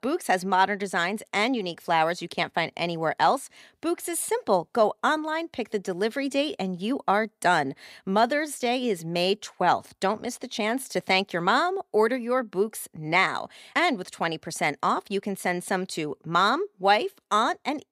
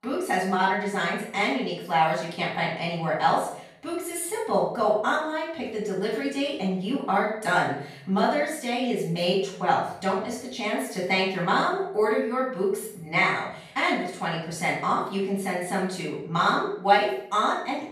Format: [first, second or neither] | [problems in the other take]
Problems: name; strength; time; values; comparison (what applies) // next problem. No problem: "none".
first | off-mic speech; far // room echo; noticeable; dies away in 0.6 s